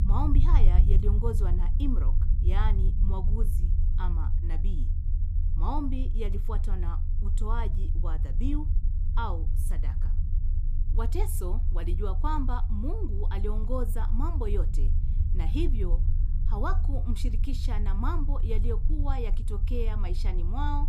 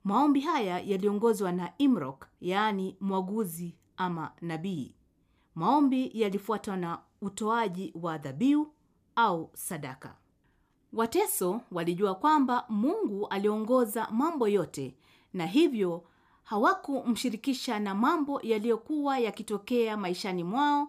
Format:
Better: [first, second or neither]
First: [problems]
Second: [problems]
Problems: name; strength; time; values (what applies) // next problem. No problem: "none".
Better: second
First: low rumble; loud; throughout; 10 dB below the speech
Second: none